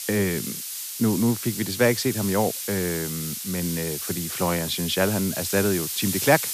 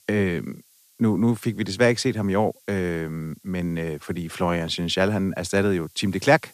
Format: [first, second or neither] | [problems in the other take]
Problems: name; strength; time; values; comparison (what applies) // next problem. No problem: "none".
second | hiss; loud; throughout; 4 dB below the speech; faint in the second